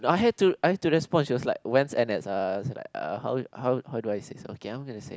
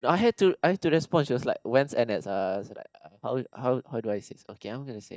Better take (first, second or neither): first